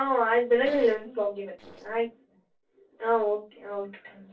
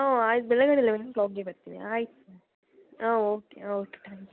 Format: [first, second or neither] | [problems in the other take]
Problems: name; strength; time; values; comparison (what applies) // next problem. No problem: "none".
second | noise reduction (neural separator model SepFormer DNS4)